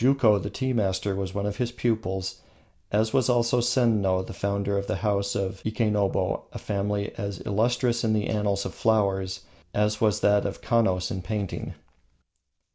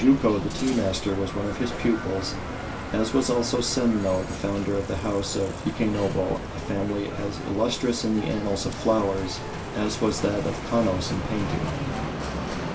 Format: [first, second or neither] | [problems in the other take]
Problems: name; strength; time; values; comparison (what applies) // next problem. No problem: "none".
first | background sound (Bicycle); 7 dB below the speech // room echo; dies away in 0.2 s